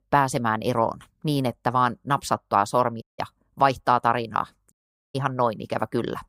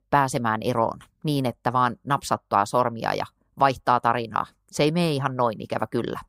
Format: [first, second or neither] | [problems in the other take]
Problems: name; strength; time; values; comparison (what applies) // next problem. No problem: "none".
second | audio cutting out; at 3 s and at 4.5 s